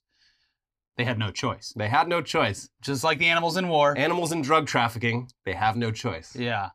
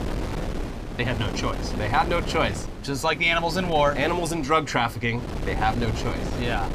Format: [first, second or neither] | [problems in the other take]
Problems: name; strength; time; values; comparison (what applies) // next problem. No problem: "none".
first | wind noise on the microphone; occasional gusts; 10 dB below the speech